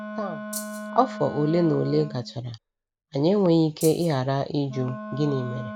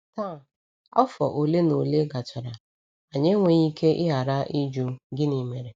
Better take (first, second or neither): second